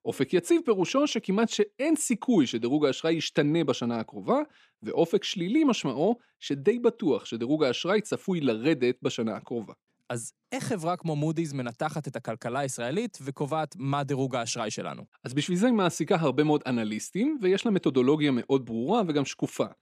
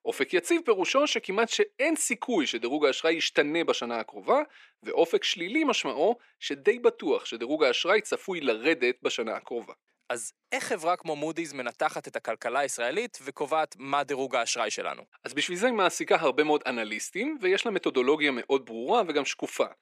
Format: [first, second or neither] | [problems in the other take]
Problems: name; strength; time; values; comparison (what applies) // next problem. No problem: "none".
first | thin; somewhat; fading below 500 Hz